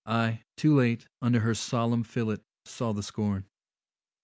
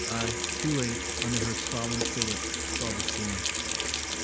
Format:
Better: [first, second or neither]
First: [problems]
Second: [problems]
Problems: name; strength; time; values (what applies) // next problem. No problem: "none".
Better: first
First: none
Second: background sound (Sink (filling or washing) / Water tap, faucet); 4 dB above the speech